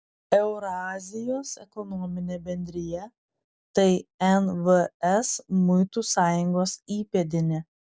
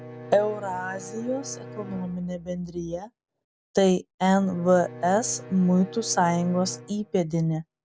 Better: first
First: none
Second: background sound (Bowed string instrument); 17 dB below the speech

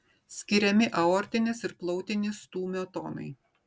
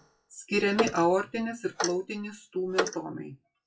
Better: first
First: none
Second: noise reduction (classical method WPE with log-MMSE)

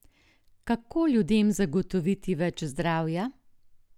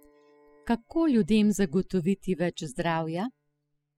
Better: first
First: none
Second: noise reduction (classical method spectral subtraction)

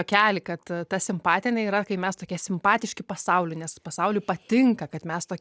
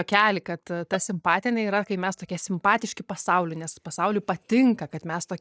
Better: first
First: none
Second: noise reduction (neural mask model DeepFilterNet 3)

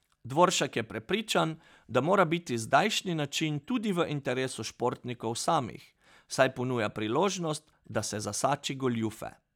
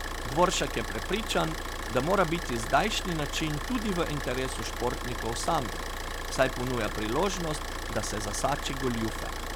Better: first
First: none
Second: background sound (Idling / Car); 4 dB below the speech

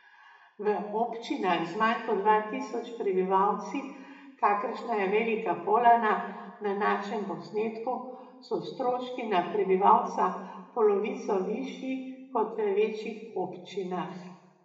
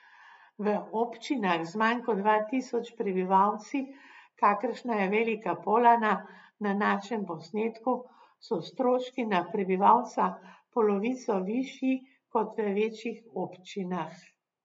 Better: second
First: room echo; dies away in 1 s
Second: none

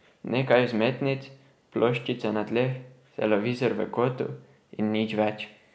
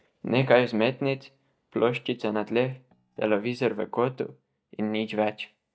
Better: first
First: none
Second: noise reduction (neural mask model DeepFilterNet 3)

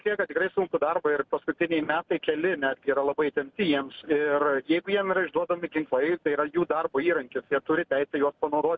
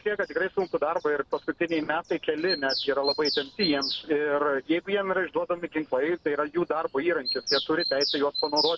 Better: first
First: none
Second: background sound (Bird vocalization, bird call, bird song); 8 dB below the speech

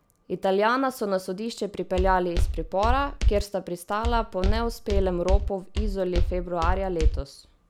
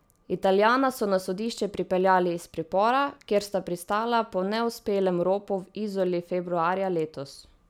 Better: second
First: background sound (Walk, footsteps); 2 dB above the speech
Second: none

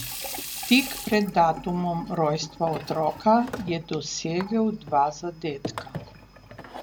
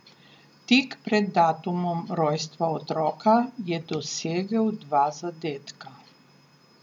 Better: second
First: background sound (Sink (filling or washing) / Water tap, faucet); 13 dB below the speech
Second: none

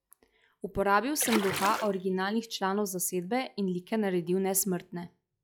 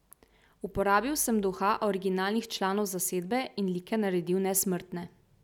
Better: second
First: noise reduction (classical method log-MMSE)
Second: none

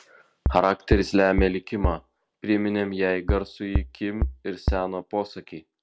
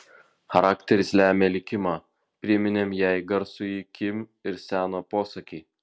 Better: second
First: background sound (Bass drum); 2 dB below the speech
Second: none

